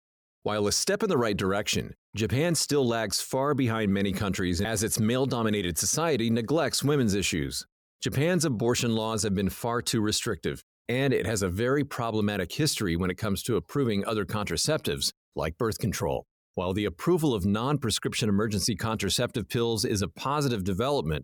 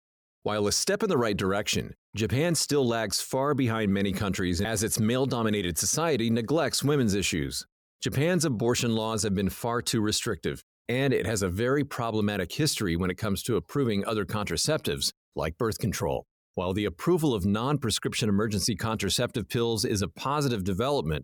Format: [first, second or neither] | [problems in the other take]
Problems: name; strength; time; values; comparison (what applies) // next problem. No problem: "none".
neither | none